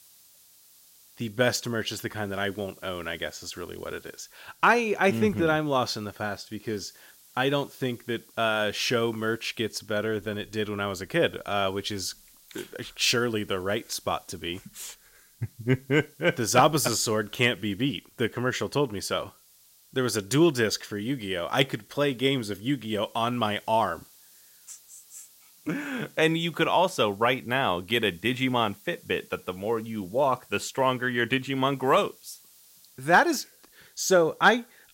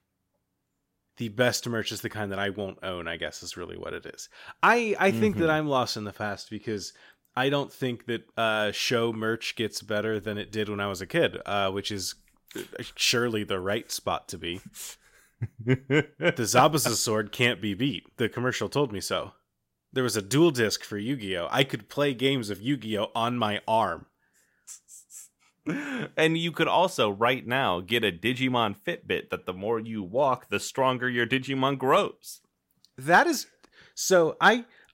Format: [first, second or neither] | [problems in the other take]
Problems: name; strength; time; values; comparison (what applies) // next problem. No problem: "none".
second | hiss; faint; throughout; 25 dB below the speech